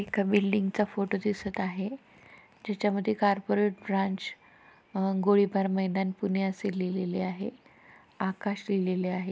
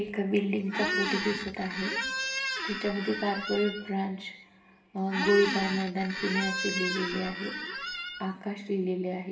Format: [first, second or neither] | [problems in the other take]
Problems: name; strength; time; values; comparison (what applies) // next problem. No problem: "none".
first | background sound (Squeak); 3 dB below the speech // room echo; dies away in 0.7 s